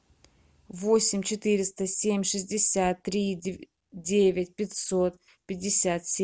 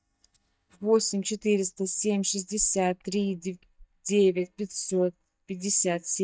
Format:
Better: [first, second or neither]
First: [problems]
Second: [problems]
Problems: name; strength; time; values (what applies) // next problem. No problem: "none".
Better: first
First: none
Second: noise reduction (neural mask model DeepFilterNet 3)